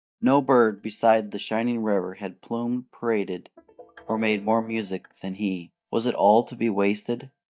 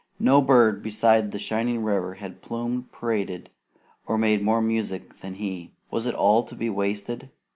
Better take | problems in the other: second | noise reduction (neural mask model DeepFilterNet 3)

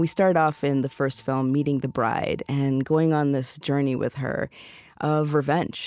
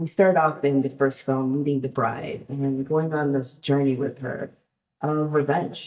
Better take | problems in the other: first | noise reduction (neural mask model DeepFilterNet 3)

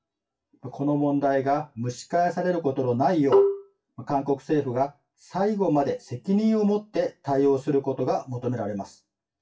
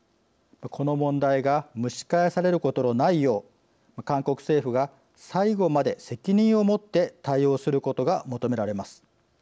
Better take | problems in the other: second | noise reduction (classical method WPE with log-MMSE)

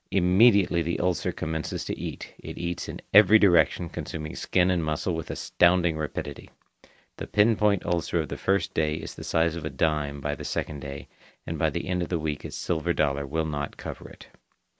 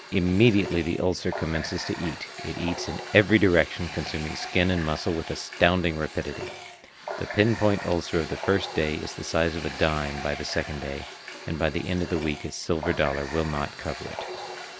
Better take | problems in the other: first | background sound (Water tap, faucet); 11 dB below the speech

